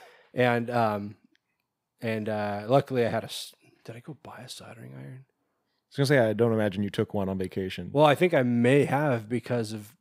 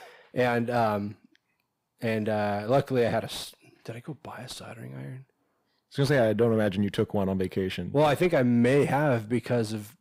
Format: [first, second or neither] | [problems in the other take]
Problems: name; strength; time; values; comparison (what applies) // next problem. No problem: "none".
first | distortion; slight; 10 dB below the speech